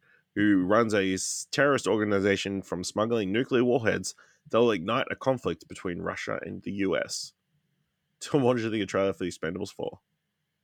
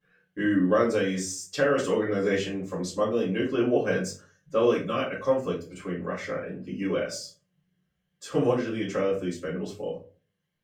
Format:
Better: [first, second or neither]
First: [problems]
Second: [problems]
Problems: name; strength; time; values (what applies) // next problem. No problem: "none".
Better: first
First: none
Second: off-mic speech; far // room echo; slight; dies away in 0.3 s